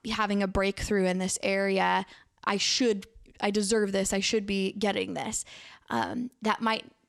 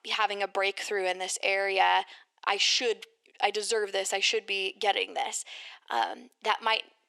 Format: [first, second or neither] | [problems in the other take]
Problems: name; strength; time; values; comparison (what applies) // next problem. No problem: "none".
first | thin; very; fading below 400 Hz